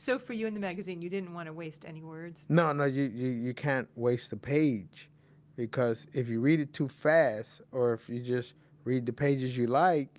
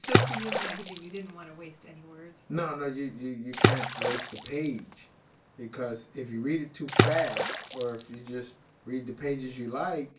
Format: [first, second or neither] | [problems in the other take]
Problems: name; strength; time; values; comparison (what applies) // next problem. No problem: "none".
first | background sound (Water / Splash, splatter); 3 dB above the speech // room echo; dies away in 0.3 s